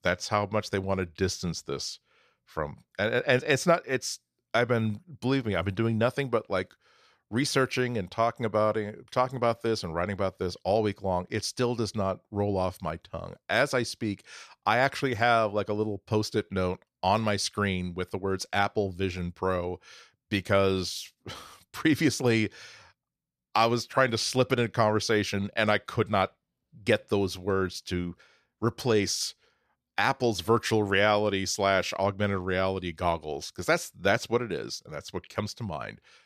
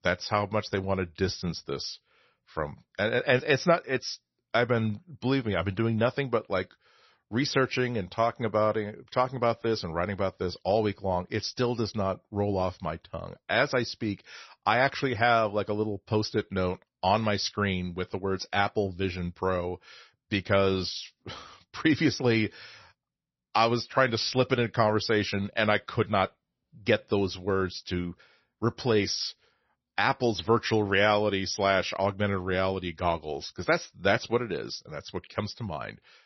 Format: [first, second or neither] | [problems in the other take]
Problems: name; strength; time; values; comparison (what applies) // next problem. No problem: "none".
first | garbled, watery; slightly; nothing above 6 kHz